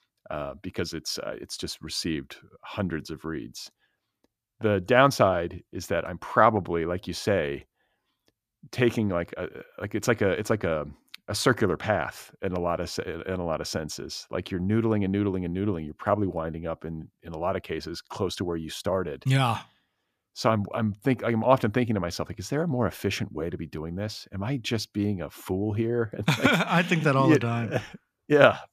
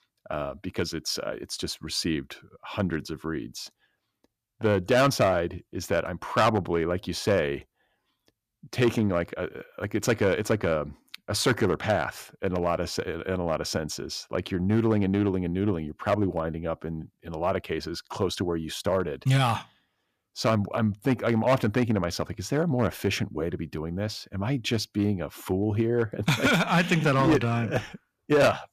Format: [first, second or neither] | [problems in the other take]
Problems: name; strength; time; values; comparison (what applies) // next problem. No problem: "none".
first | distortion; slight; 2% of the sound clipped